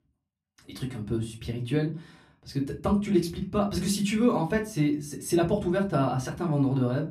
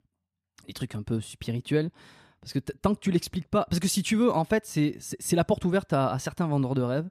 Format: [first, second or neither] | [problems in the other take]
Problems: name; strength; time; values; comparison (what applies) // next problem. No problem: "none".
second | off-mic speech; far // room echo; very slight; dies away in 0.3 s